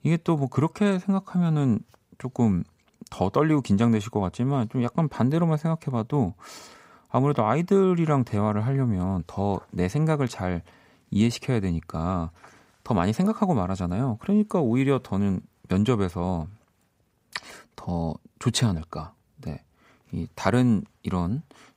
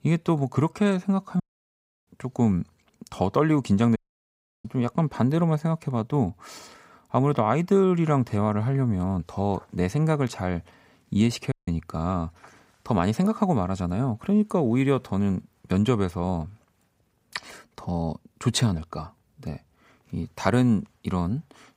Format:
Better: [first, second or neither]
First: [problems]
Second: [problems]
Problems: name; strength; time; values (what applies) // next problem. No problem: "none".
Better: first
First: none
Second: audio cutting out; at 1.5 s for 0.5 s, at 4 s for 0.5 s and at 12 s